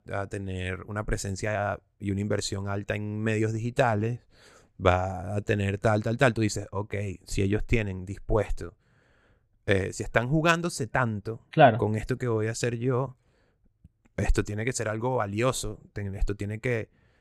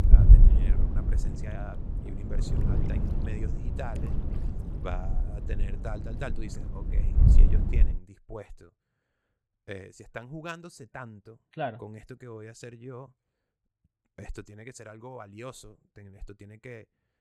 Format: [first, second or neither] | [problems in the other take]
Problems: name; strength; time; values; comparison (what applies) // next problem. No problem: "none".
first | wind noise on the microphone; heavy; until 8 s; 1 dB below the speech